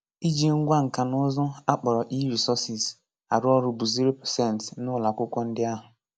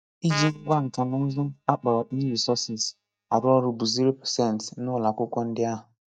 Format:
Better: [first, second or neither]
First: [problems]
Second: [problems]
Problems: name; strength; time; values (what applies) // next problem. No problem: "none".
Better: first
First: none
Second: noise reduction (neural mask model DeepFilterNet 3)